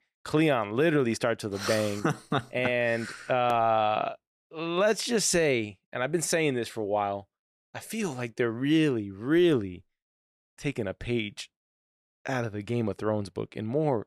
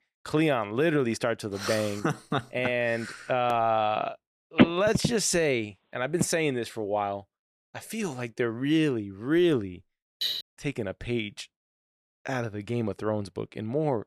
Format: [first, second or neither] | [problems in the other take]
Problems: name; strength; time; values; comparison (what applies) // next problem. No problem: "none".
first | phone ringing; loud; from 4.5 to 6 s; peak 5 dB above the speech // clattering dishes; noticeable; at 10 s; peak 1 dB below the speech